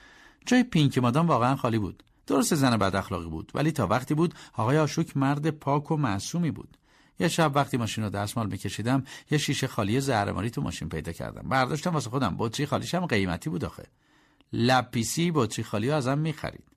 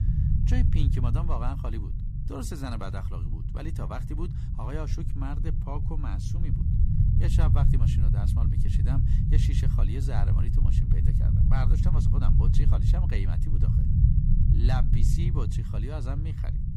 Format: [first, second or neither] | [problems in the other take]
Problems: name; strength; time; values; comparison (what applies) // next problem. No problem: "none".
first | low rumble; loud; throughout; as loud as the speech